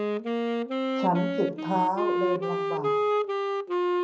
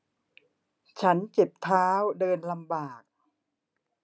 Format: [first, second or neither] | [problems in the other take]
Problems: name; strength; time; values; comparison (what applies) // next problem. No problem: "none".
second | background sound (Wind instrument, woodwind instrument); 4 dB above the speech // room echo; dies away in 0.6 s